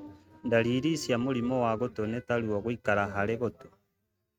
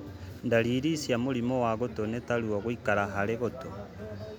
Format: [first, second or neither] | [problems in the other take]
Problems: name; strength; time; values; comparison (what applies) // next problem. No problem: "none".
second | noise reduction (neural mask model RNNoise)